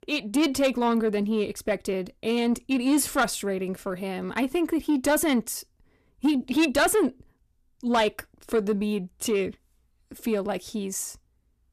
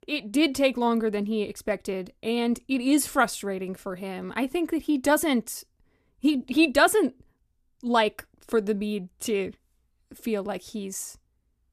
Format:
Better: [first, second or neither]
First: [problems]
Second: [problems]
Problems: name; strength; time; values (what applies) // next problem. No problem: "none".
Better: second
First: distortion; slight; 10 dB below the speech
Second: none